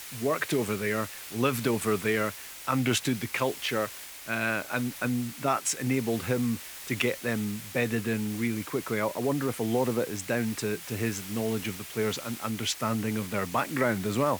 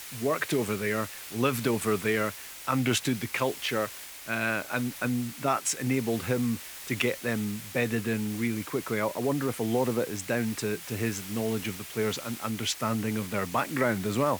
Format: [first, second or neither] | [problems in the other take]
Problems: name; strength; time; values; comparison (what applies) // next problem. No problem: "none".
neither | hiss; noticeable; throughout; 10 dB below the speech; the same in both